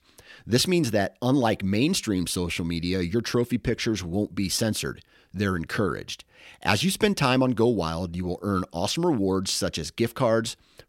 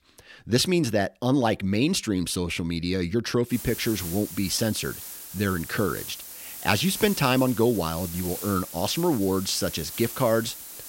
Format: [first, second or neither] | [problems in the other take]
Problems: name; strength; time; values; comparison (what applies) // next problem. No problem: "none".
first | hiss; loud; from 3.5 s on; 10 dB below the speech